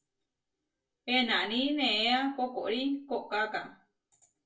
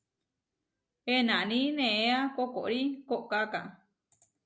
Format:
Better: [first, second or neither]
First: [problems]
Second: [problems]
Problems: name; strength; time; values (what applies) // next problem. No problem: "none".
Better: second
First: room echo; dies away in 0.2 s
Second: none